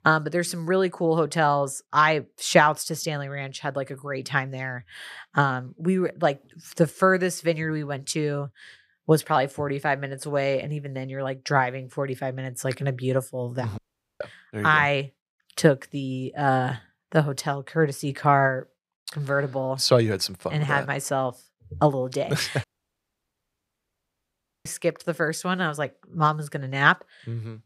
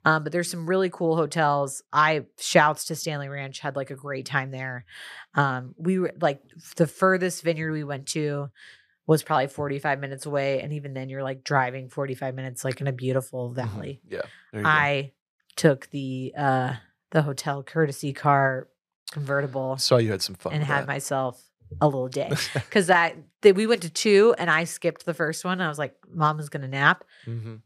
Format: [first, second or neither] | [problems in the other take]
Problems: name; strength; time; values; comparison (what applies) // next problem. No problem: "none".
second | audio cutting out; at 14 s and at 23 s for 2 s